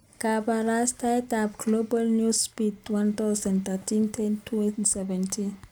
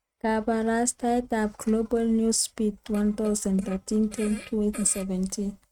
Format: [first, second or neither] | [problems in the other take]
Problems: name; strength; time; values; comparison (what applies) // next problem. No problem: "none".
first | noise reduction (neural mask model RNNoise)